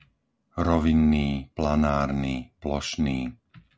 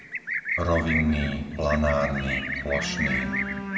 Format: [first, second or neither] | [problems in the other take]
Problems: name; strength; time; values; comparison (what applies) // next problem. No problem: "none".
first | background sound (Livestock, farm animals, working animals); 4 dB below the speech // room echo; dies away in 1.9 s